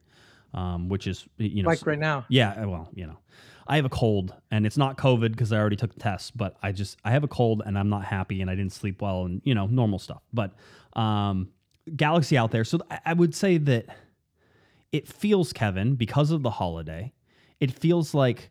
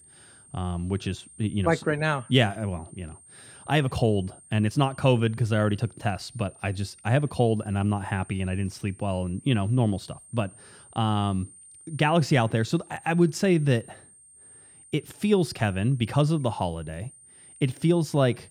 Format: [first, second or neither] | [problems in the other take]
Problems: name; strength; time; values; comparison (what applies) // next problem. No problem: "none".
first | high-pitched whine; faint; throughout; 9 kHz, 25 dB below the speech